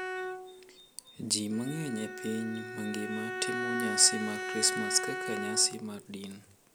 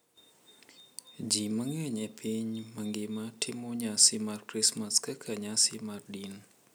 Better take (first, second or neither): second